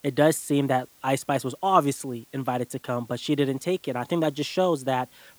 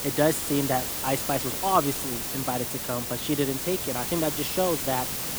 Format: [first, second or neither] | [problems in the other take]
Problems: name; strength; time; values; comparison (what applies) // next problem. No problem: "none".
first | hiss; loud; throughout; 1 dB below the speech; faint in the first